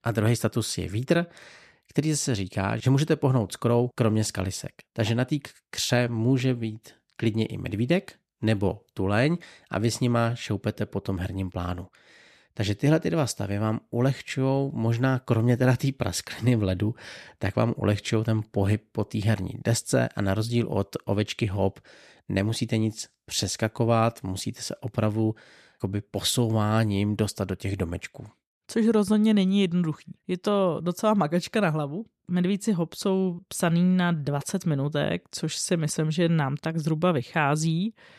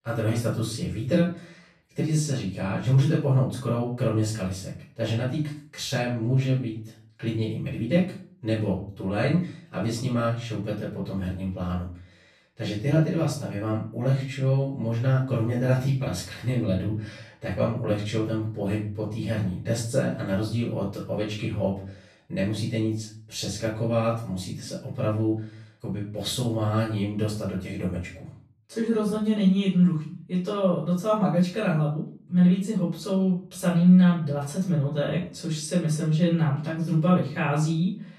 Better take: first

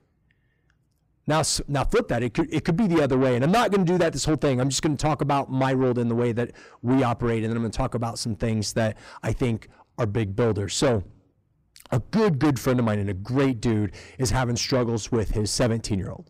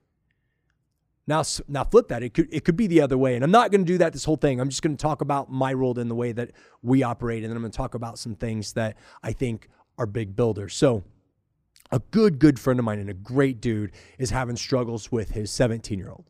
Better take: second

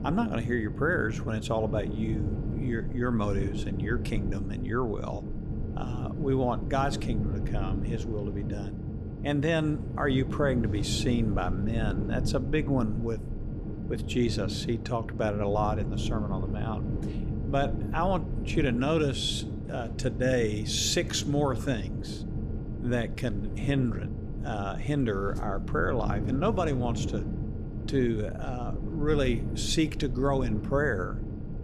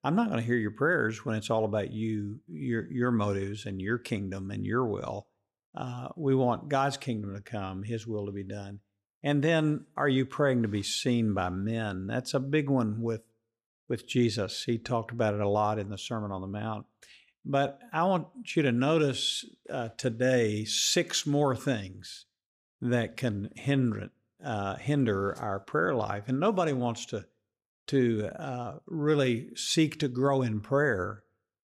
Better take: second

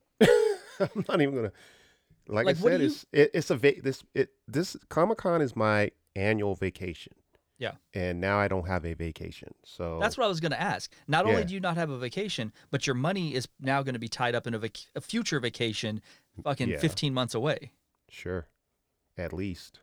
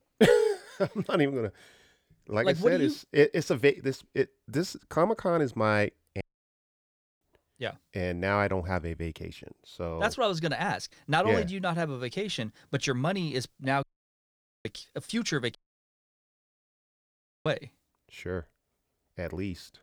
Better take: first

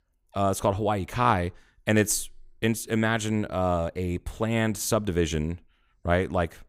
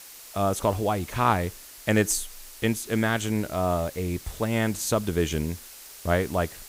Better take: first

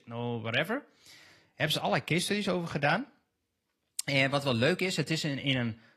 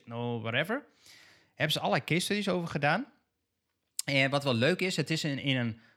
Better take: second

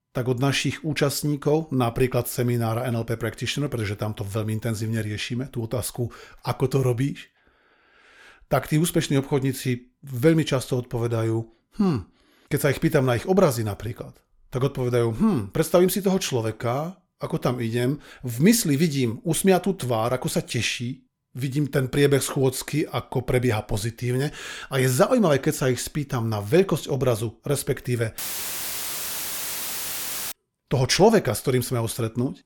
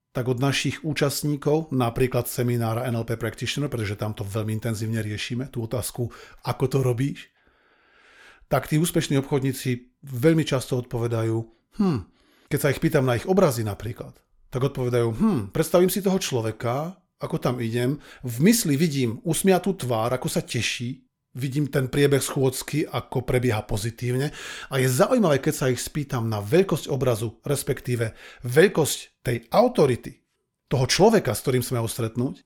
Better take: second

